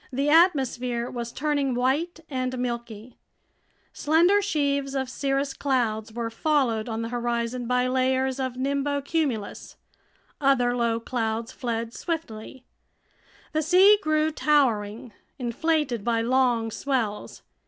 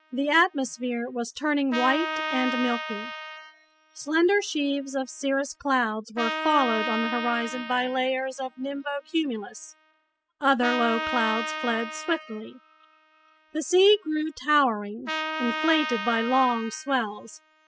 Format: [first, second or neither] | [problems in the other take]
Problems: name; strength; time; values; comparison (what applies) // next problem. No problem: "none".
first | noise reduction (classical method spectral subtraction)